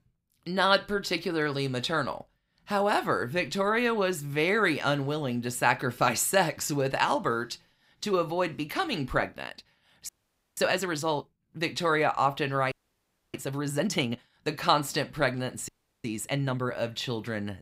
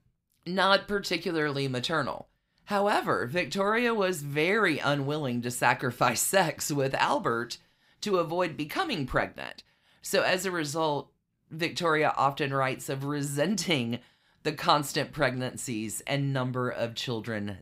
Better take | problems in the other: second | audio freezing; at 10 s, at 13 s for 0.5 s and at 16 s

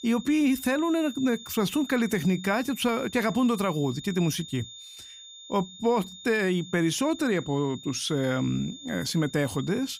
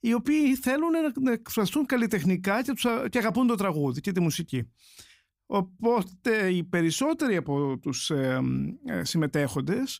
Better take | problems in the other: second | high-pitched whine; noticeable; throughout; 3.5 kHz, 15 dB below the speech

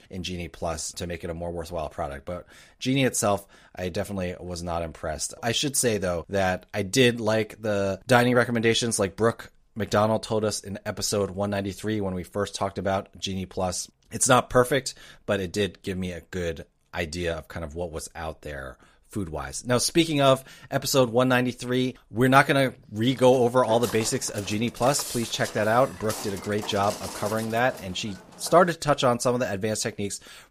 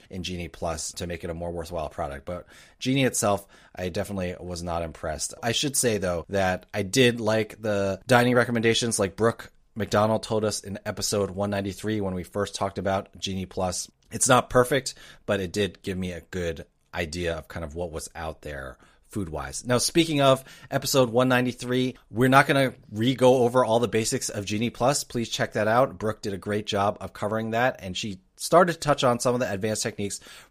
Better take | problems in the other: second | footsteps; noticeable; from 23 to 29 s; peak 7 dB below the speech

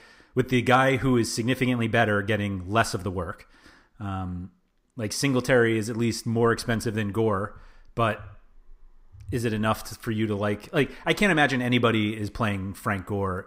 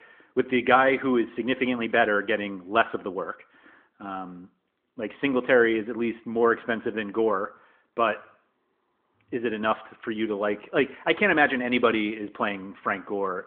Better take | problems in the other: first | phone-call audio; nothing above 3.5 kHz

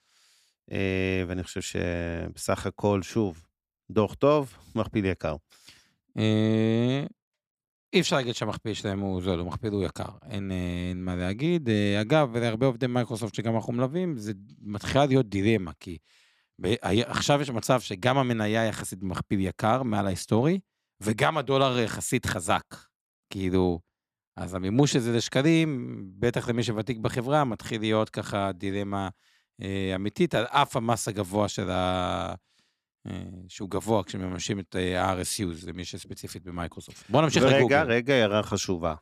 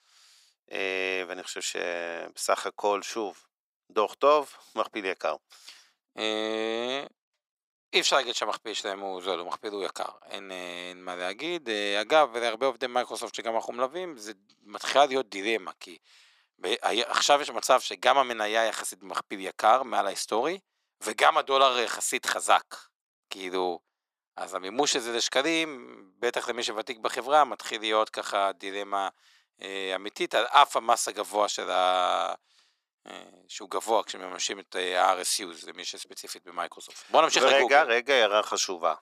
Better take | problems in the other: first | thin; very; fading below 450 Hz

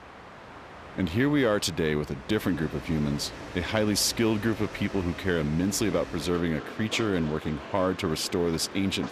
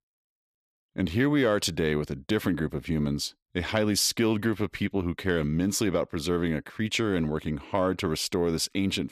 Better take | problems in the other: second | train or aircraft noise; noticeable; throughout; 15 dB below the speech

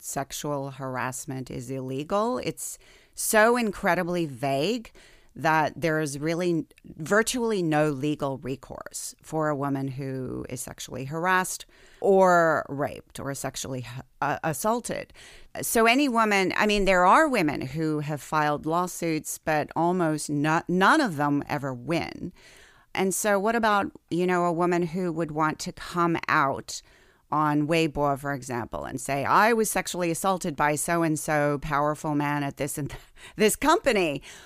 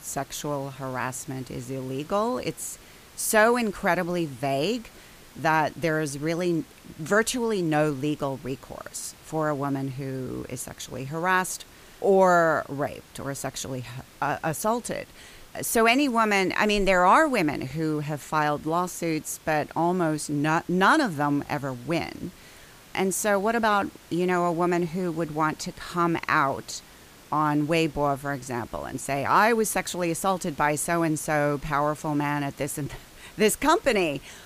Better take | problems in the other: first | hiss; faint; throughout; 25 dB below the speech

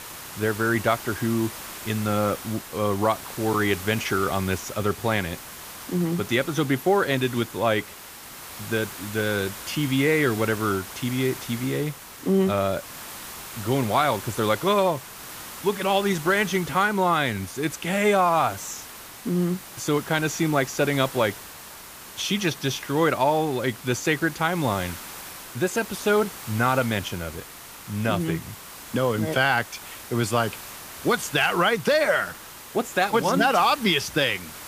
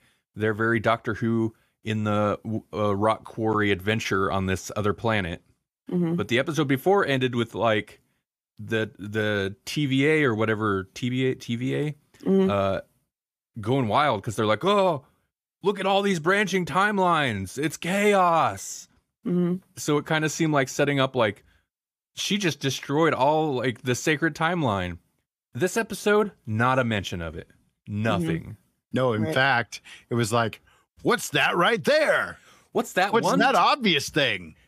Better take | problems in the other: second | hiss; noticeable; throughout; 15 dB below the speech

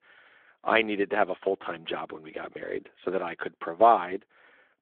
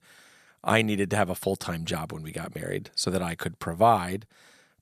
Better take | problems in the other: second | phone-call audio

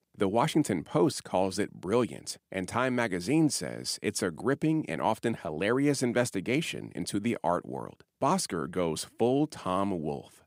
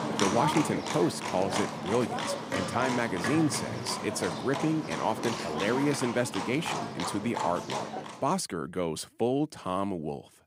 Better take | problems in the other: first | animal sounds; loud; until 8 s; 3 dB below the speech

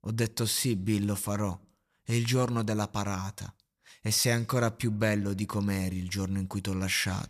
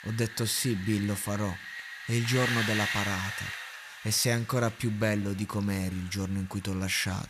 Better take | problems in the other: first | wind noise on the microphone; heavy; 1 dB below the speech

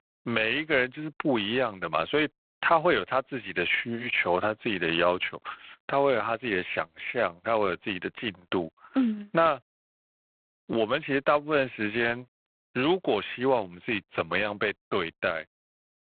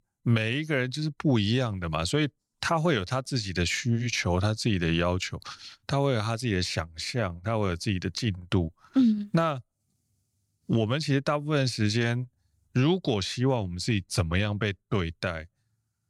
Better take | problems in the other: second | phone-call audio; poor line

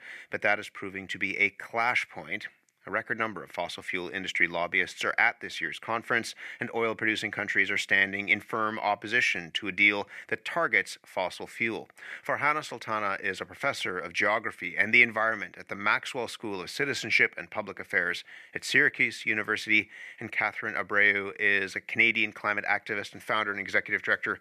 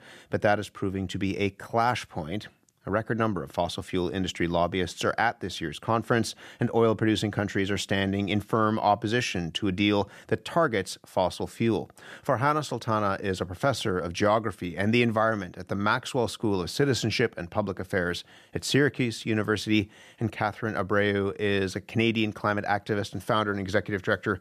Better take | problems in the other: second | thin; somewhat; fading below 400 Hz

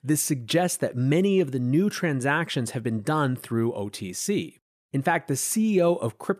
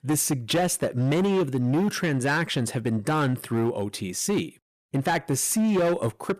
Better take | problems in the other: first | distortion; slight; 15% of the sound clipped

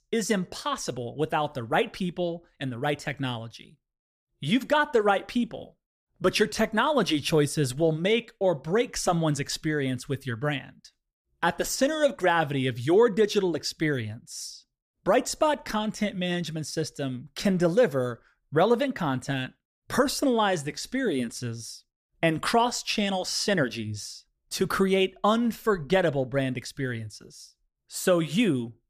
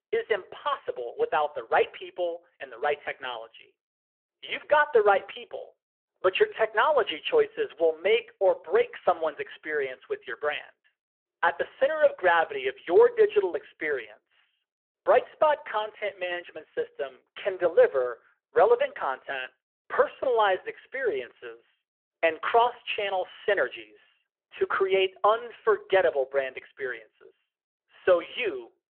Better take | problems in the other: first | phone-call audio

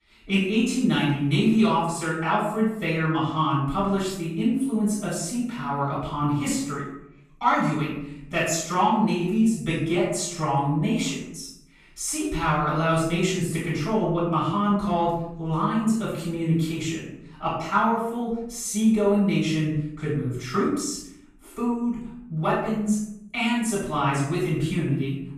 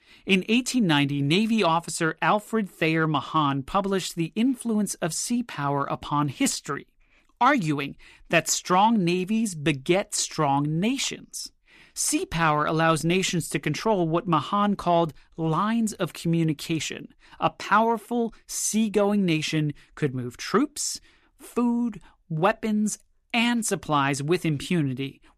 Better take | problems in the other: second | room echo; noticeable; dies away in 0.7 s // off-mic speech; far

